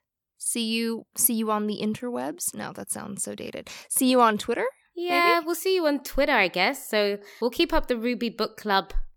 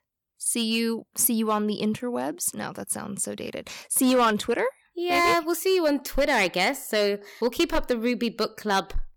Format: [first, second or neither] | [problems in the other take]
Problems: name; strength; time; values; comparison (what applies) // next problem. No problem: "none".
first | distortion; slight; 4% of the sound clipped